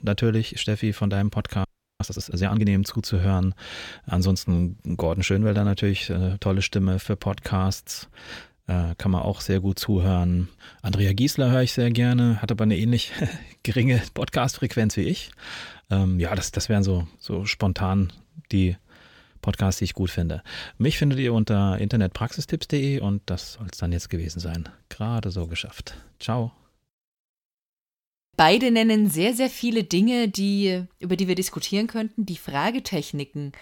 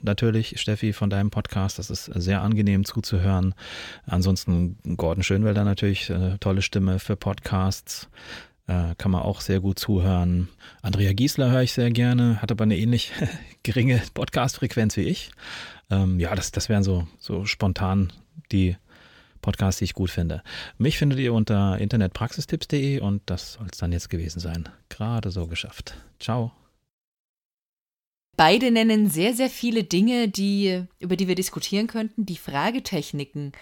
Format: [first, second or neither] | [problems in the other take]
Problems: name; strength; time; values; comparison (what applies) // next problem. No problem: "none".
second | audio freezing; at 1.5 s